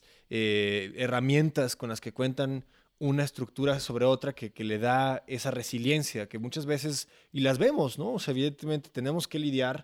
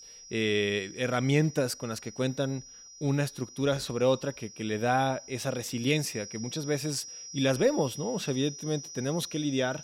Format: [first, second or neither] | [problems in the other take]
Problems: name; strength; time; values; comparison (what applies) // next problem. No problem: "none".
first | high-pitched whine; noticeable; throughout; 6 kHz, 15 dB below the speech